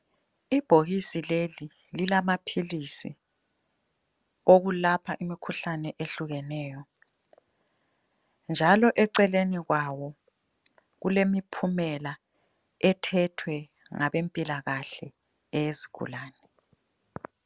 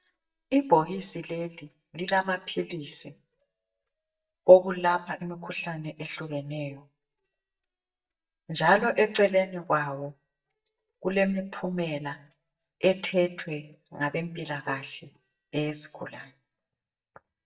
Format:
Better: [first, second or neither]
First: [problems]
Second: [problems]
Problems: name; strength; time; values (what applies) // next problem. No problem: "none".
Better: first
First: none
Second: noise reduction (neural mask model DeepFilterNet 3)